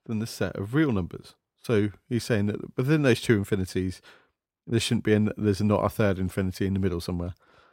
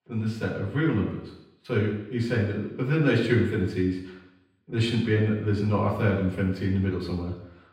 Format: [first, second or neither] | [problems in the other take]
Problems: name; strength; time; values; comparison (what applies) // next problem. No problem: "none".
first | room echo; noticeable; dies away in 0.9 s // off-mic speech; far